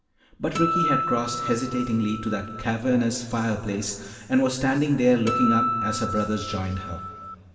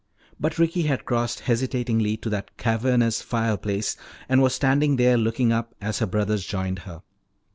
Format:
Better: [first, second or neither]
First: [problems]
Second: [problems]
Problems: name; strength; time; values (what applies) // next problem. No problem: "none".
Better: second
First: background sound (Acoustic guitar); 3 dB below the speech // room echo; dies away in 2 s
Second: none